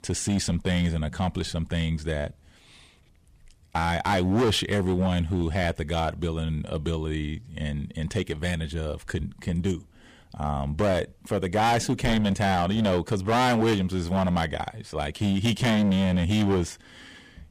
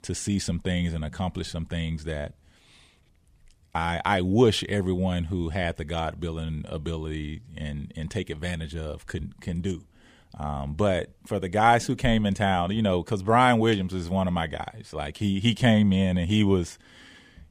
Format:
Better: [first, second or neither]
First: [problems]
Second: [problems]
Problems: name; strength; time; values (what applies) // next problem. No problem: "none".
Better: second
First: distortion; heavy; 10% of the sound clipped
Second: none